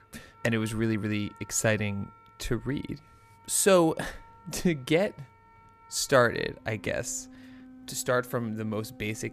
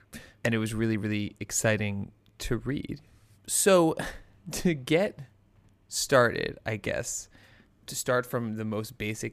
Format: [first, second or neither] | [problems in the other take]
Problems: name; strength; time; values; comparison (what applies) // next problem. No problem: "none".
second | background music; faint; throughout; 25 dB below the speech